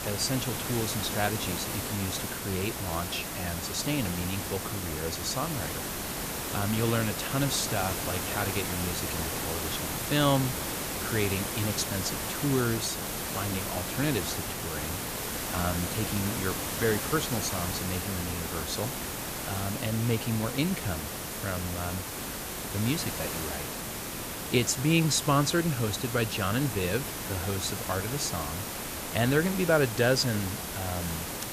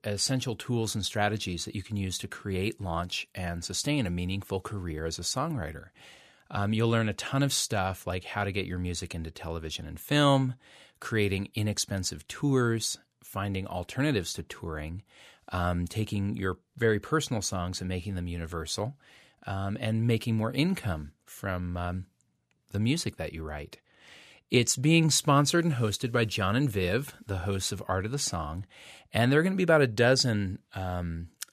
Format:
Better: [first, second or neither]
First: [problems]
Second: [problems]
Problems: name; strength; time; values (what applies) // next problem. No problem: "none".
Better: second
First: hiss; loud; throughout; 2 dB below the speech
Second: none